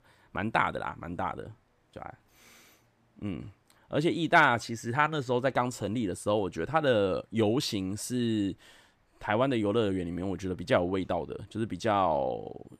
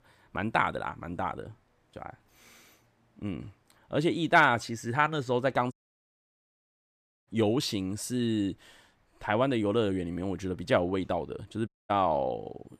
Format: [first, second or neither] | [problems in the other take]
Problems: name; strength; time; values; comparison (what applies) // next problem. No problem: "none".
first | audio cutting out; at 5.5 s for 1.5 s and at 12 s